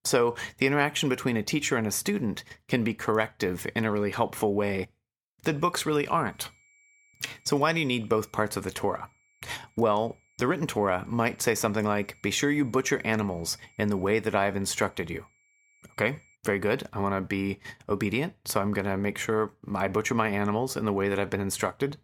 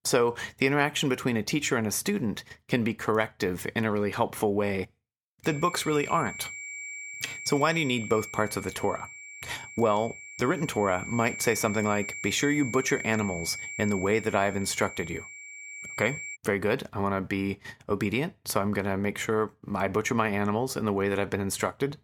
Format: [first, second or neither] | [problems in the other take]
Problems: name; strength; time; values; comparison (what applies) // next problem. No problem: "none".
first | high-pitched whine; loud; from 5.5 to 16 s; 2.5 kHz, 10 dB below the speech; faint in the first